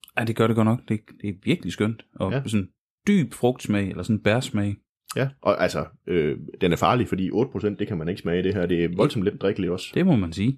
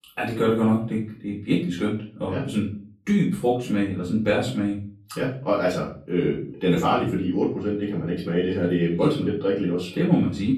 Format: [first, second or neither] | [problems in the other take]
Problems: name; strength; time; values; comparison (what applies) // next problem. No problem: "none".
first | room echo; slight; dies away in 0.4 s // off-mic speech; far